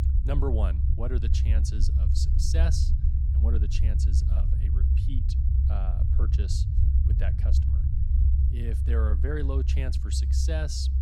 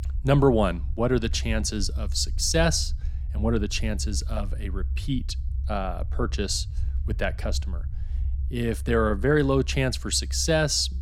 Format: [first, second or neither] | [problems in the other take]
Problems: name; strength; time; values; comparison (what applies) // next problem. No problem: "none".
second | low rumble; loud; throughout; 4 dB below the speech; faint in the second